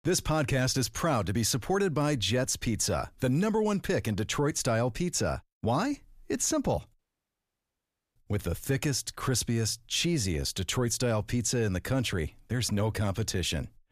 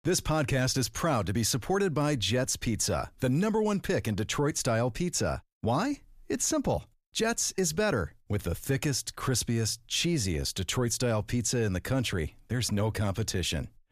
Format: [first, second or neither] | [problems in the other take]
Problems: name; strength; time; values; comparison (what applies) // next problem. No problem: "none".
second | audio cutting out; at 7 s for 1 s